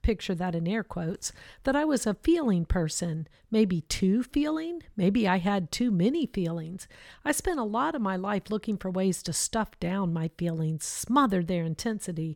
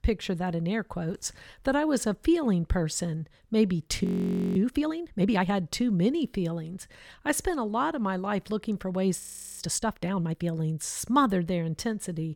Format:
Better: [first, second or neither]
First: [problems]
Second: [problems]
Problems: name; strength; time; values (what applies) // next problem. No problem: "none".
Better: first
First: none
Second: audio freezing; at 4 s for 0.5 s and at 9 s